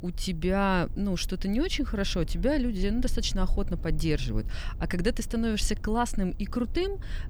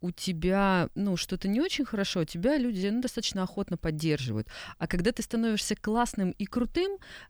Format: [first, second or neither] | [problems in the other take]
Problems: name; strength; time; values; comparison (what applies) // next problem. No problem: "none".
second | low rumble; faint; throughout; 25 dB below the speech